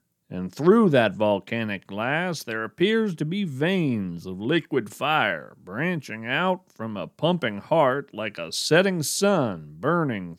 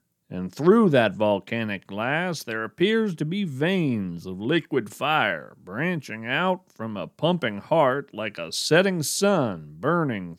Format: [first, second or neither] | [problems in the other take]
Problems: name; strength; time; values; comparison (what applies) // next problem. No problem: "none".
neither | none